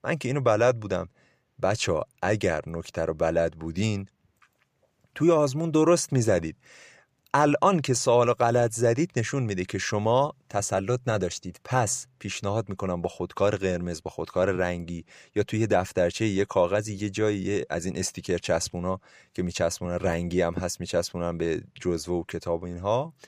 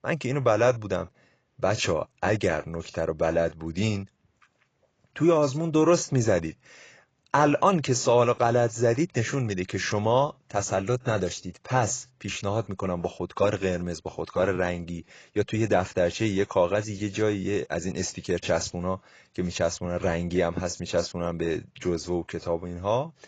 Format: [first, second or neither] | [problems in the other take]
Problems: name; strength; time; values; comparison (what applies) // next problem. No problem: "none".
first | garbled, watery; badly; nothing above 7.5 kHz